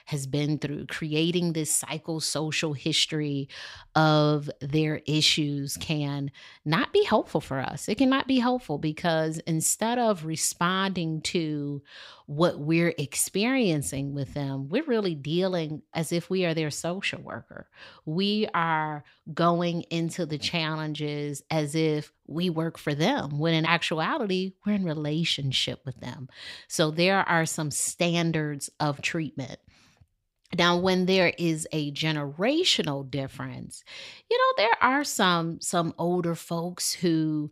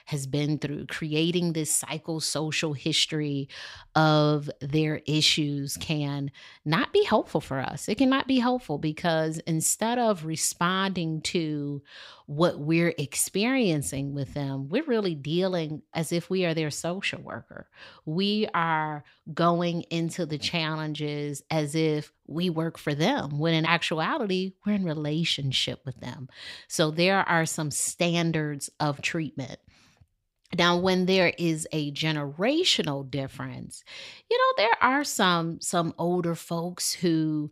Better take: neither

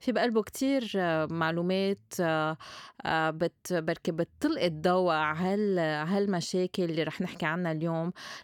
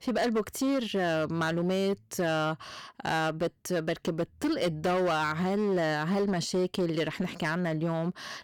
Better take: first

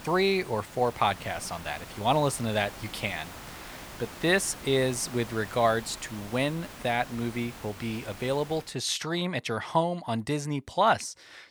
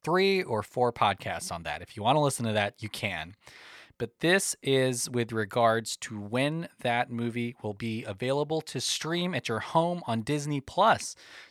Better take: second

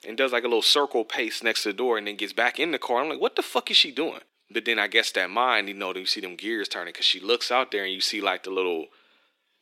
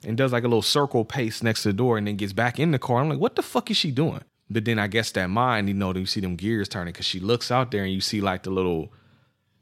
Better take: second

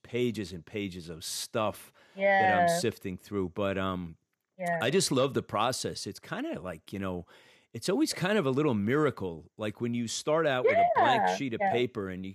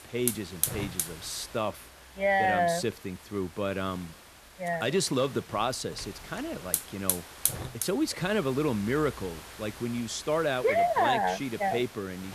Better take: first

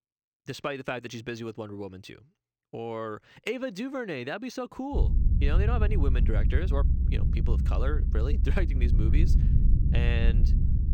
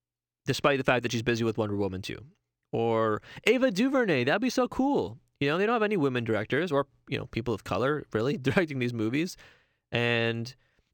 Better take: second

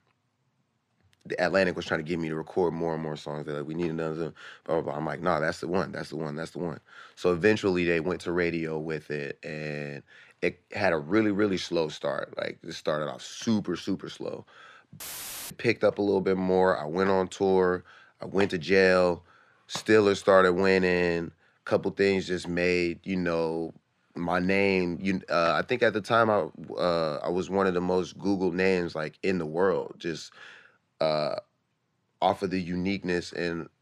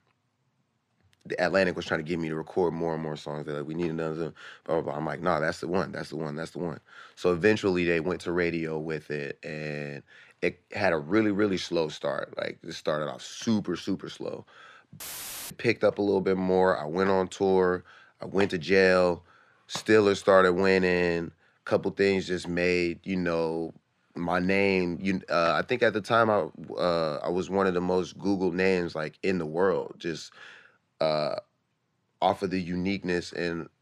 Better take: neither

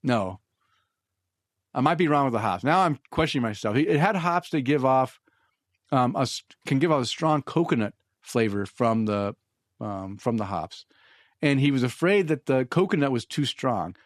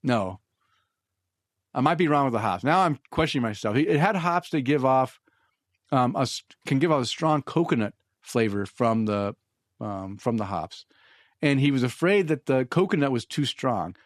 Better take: neither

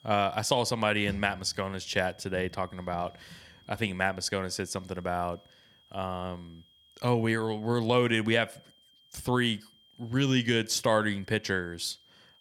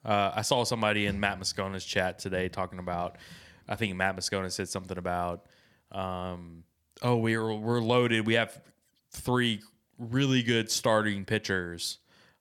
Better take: second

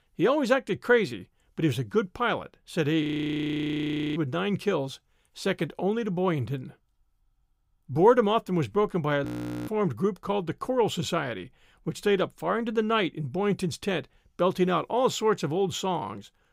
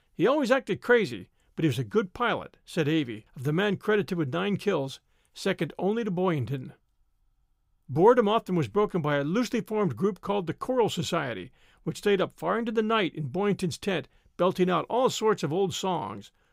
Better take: second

